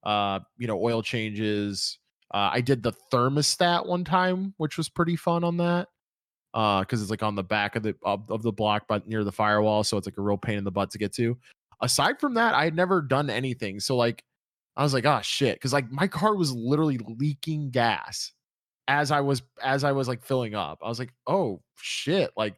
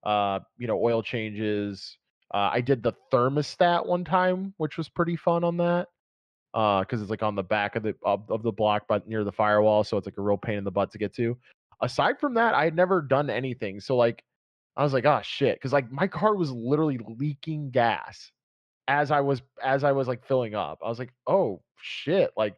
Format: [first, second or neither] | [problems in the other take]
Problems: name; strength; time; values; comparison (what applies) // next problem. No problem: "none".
first | muffled; slightly; fading above 2.5 kHz